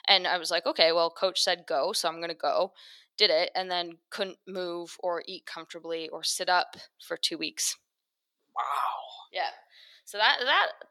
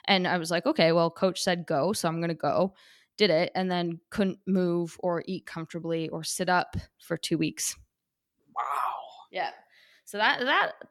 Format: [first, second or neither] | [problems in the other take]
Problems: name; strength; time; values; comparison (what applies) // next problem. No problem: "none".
second | thin; very; fading below 600 Hz